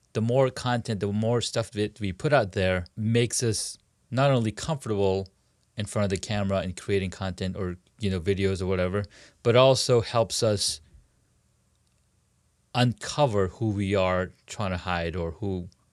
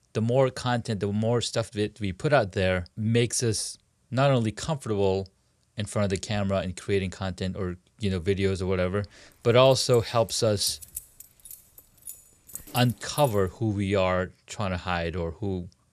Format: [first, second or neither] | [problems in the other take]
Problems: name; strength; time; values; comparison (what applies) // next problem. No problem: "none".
first | jangling keys; faint; from 9.5 to 13 s; peak 10 dB below the speech